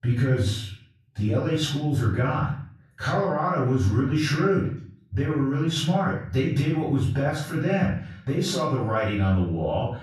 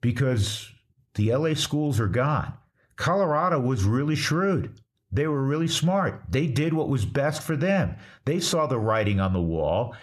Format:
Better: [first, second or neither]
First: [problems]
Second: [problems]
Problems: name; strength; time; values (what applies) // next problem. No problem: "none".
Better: second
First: off-mic speech; far // room echo; noticeable; dies away in 0.5 s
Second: none